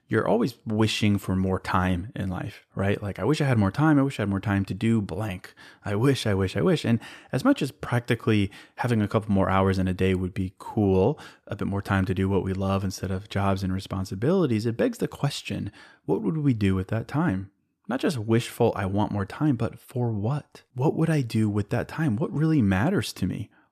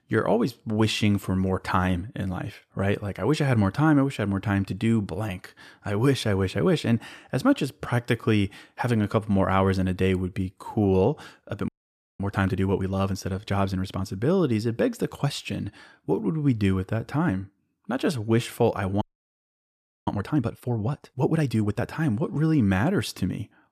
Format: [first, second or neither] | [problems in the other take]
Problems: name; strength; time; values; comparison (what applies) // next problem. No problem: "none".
first | audio freezing; at 12 s for 0.5 s and at 19 s for 1 s